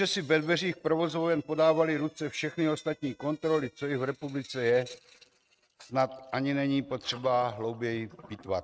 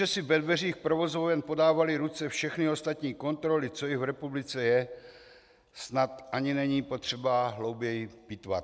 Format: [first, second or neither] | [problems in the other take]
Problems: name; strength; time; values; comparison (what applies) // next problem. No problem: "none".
second | noise reduction (neural mask model RNNoise)